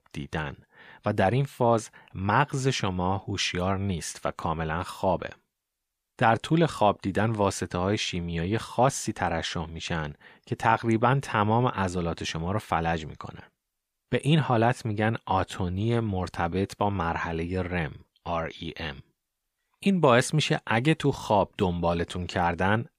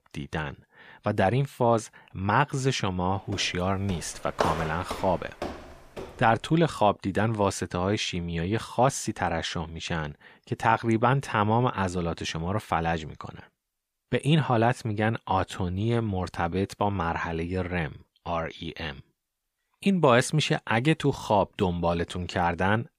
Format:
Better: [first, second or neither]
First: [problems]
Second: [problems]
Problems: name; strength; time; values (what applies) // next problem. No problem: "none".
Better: first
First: none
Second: footsteps; noticeable; from 3.5 to 6 s; peak 2 dB below the speech